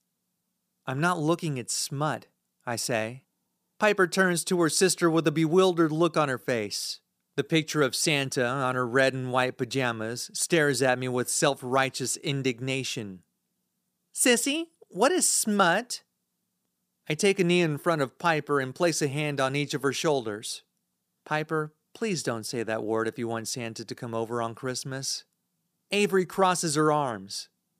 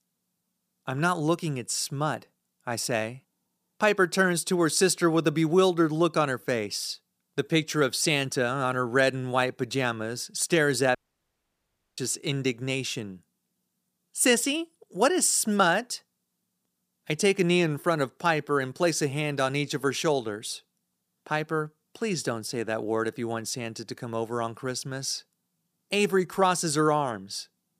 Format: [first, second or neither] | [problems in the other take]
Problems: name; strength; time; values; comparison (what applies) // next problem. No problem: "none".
first | audio cutting out; at 11 s for 1 s